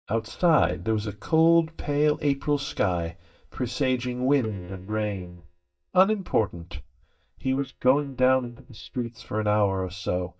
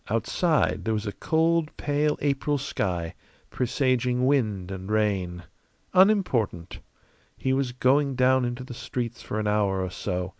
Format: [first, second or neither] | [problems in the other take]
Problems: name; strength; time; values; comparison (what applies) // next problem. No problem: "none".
second | noise reduction (neural mask model DeepFilterNet 3)